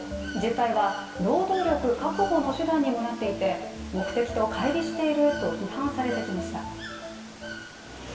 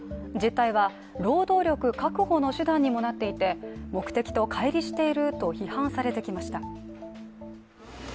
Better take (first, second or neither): second